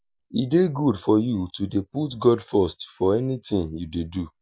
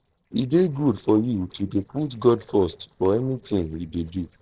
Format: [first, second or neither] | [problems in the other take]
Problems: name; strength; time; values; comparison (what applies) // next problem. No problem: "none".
first | noise reduction (neural separator model SepFormer DNS4)